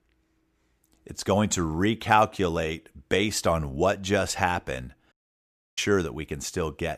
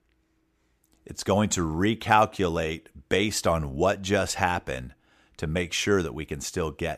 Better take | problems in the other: second | audio cutting out; at 5 s for 0.5 s

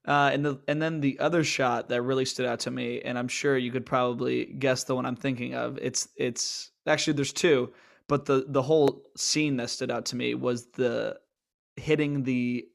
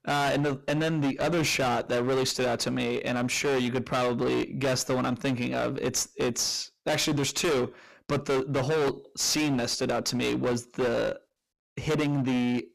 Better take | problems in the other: first | distortion; heavy; 26% of the sound clipped

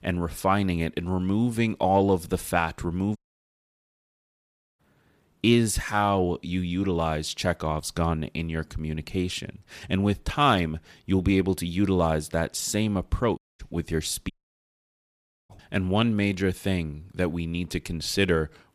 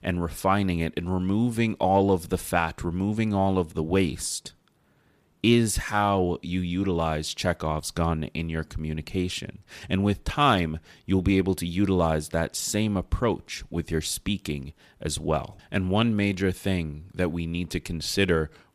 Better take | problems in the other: second | audio cutting out; at 3 s for 1.5 s, at 13 s and at 14 s for 1 s

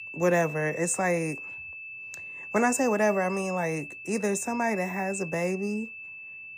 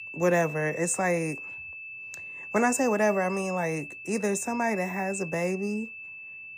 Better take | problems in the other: neither | high-pitched whine; noticeable; throughout; 2.5 kHz, 10 dB below the speech; the same in both

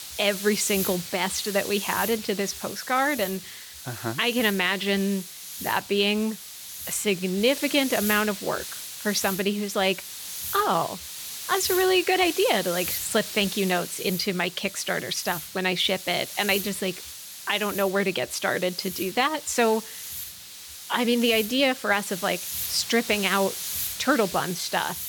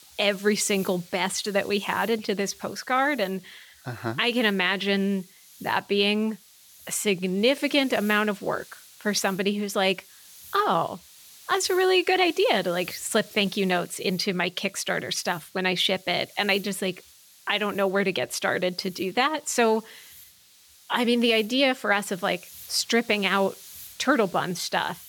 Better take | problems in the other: second | hiss; loud; throughout; 8 dB below the speech; faint in the second

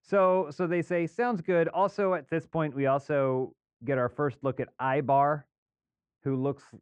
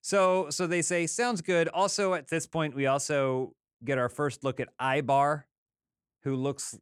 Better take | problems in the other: second | muffled; very; fading above 1.5 kHz

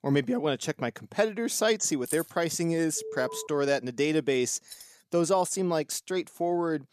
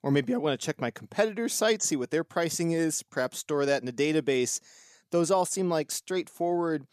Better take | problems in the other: second | jangling keys; noticeable; at 2 s; peak 8 dB below the speech // alarm; faint; at 3 s; peak 10 dB below the speech // jangling keys; faint; at 4.5 s; peak 20 dB below the speech

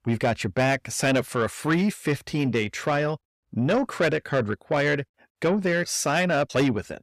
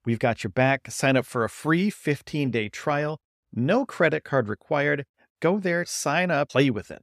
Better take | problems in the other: second | distortion; slight; 10 dB below the speech

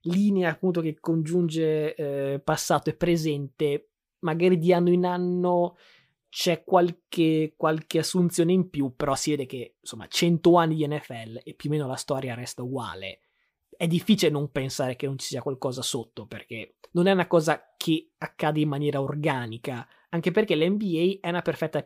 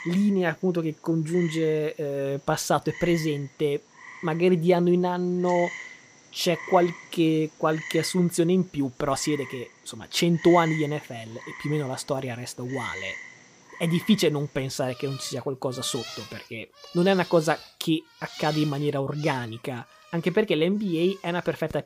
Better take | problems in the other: first | animal sounds; noticeable; throughout; 15 dB below the speech

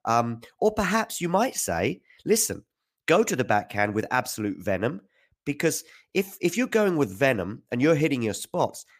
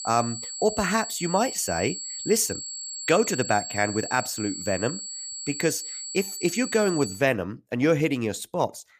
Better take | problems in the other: first | high-pitched whine; loud; until 7 s; 7.5 kHz, 7 dB below the speech

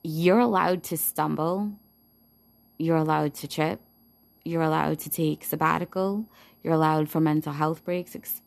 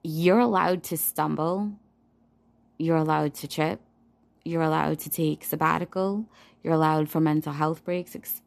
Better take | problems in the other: second | high-pitched whine; faint; throughout; 11.5 kHz, 35 dB below the speech

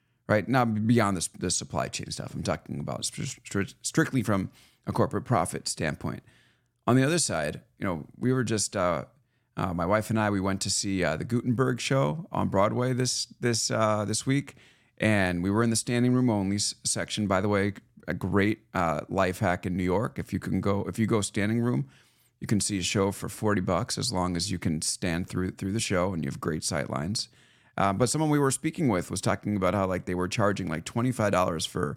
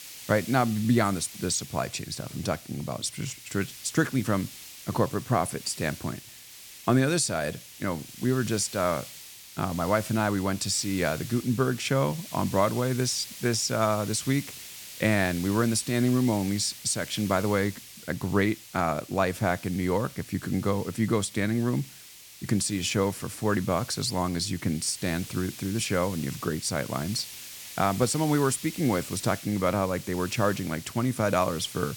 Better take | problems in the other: first | hiss; noticeable; throughout; 15 dB below the speech

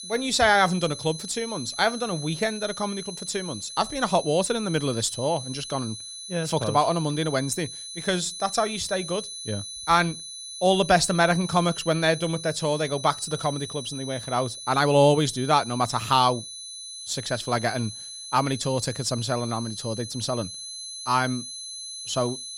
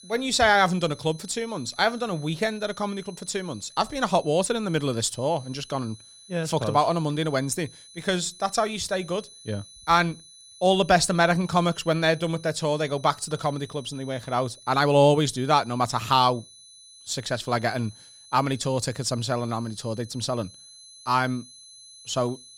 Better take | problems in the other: second | high-pitched whine; loud; throughout; 4 kHz, 10 dB below the speech; faint in the second

